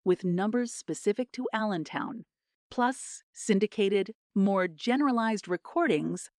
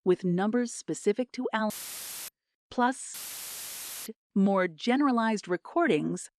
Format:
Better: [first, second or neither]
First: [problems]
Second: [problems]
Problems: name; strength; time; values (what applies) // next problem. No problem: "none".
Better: first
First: none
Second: audio cutting out; filled with static; at 1.5 s for 0.5 s and at 3 s for 1 s